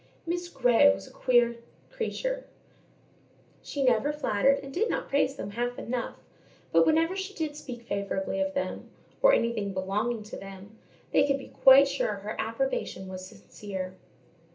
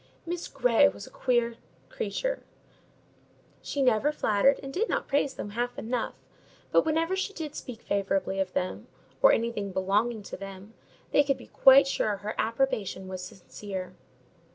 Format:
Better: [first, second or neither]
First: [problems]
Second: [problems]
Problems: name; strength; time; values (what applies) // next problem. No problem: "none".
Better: second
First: room echo; dies away in 0.3 s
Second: none